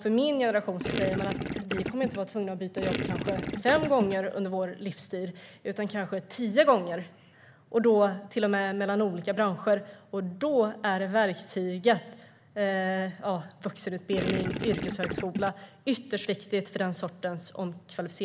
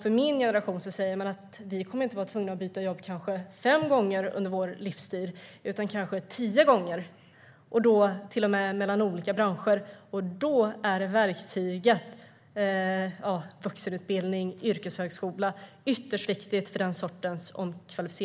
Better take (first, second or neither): second